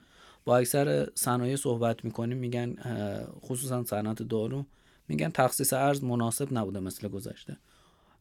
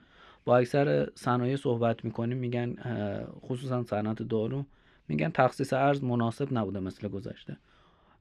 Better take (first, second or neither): first